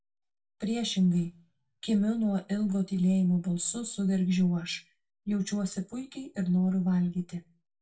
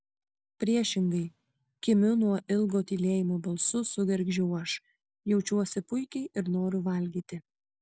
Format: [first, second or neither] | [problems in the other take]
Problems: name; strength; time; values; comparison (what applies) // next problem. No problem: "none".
second | room echo; dies away in 0.2 s